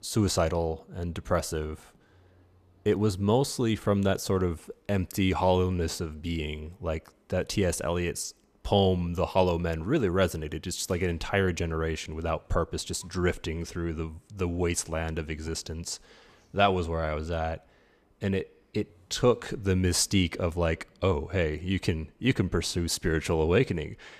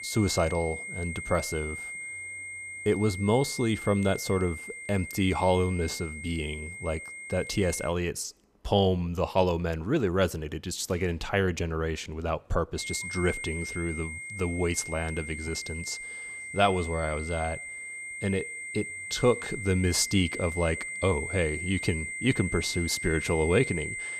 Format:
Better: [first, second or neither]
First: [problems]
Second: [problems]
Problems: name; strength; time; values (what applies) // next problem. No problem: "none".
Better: first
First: none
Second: high-pitched whine; loud; until 8 s and from 13 s on; 2 kHz, 7 dB below the speech